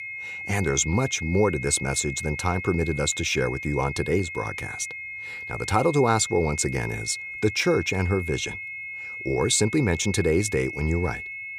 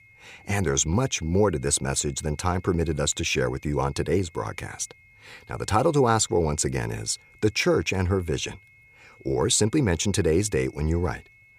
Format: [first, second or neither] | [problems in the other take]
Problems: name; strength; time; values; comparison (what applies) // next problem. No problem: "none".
second | high-pitched whine; loud; throughout; 2 kHz, 8 dB below the speech; faint in the second